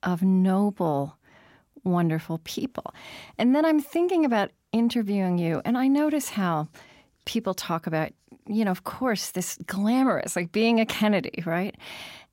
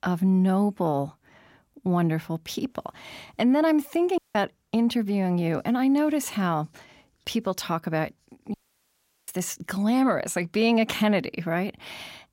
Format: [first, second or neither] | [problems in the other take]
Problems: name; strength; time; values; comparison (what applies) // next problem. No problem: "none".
first | audio cutting out; at 4 s and at 8.5 s for 0.5 s